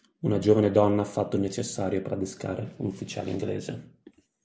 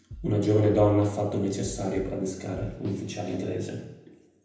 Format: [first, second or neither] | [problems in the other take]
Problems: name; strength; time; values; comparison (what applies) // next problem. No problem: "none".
first | background sound (Drum kit); 18 dB below the speech // room echo; dies away in 0.8 s